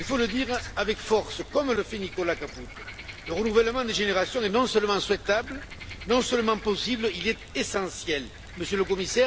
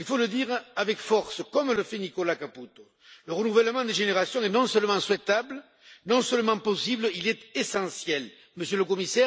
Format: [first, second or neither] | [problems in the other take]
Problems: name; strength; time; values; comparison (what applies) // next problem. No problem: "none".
second | background sound (Frog); 14 dB below the speech